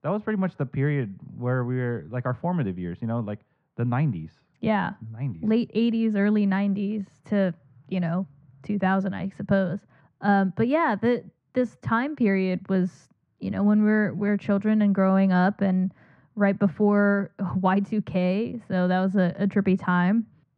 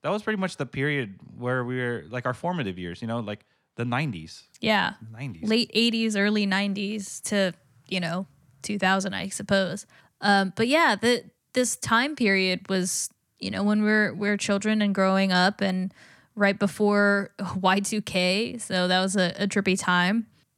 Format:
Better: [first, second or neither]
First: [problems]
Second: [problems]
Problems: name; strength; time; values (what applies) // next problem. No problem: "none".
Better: second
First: muffled; very; fading above 1.5 kHz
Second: none